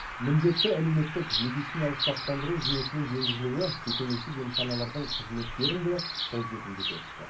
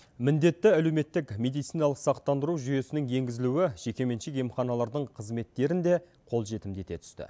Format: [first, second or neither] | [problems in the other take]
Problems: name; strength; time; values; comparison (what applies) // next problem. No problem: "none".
second | background sound (Bird vocalization, bird call, bird song); 4 dB below the speech // room echo; dies away in 0.4 s